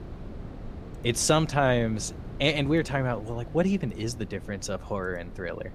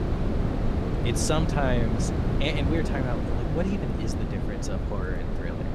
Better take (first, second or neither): first